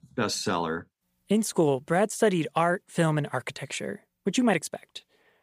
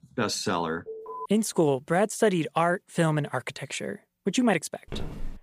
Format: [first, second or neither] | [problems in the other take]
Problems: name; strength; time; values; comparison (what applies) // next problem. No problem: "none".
first | alarm; faint; at 1 s; peak 10 dB below the speech // footsteps; faint; at 5 s; peak 10 dB below the speech